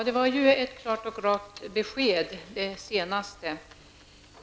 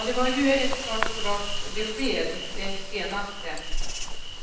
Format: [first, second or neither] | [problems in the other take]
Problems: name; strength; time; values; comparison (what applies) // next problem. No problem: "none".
first | background sound (Insect); 1 dB above the speech // room echo; dies away in 0.9 s